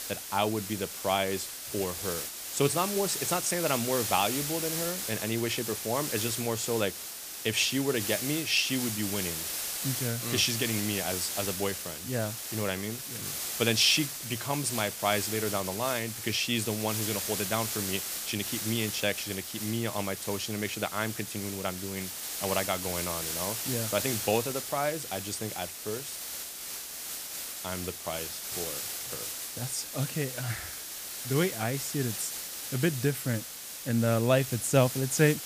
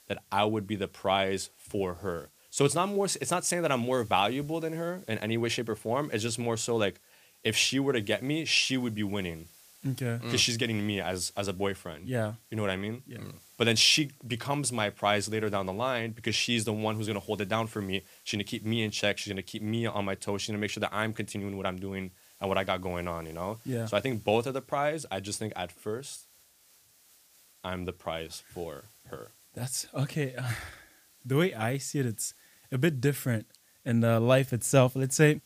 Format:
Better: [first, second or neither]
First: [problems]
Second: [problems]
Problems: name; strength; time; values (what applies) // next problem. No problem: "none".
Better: second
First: hiss; loud; throughout; 3 dB below the speech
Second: hiss; faint; throughout; 25 dB below the speech